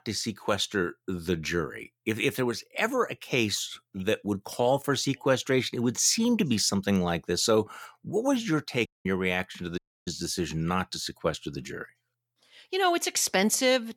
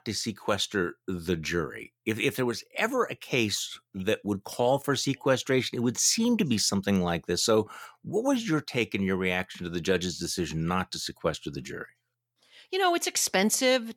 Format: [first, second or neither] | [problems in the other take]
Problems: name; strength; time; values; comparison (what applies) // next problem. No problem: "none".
second | audio cutting out; at 9 s and at 10 s